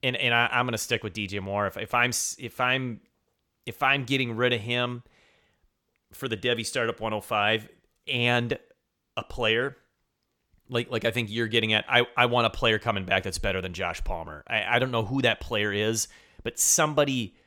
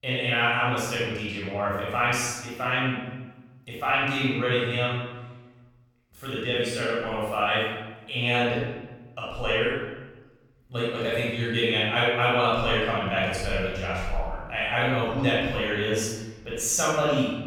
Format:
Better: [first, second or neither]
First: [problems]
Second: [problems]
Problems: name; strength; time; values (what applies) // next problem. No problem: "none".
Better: first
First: none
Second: off-mic speech; far // room echo; strong; dies away in 1 s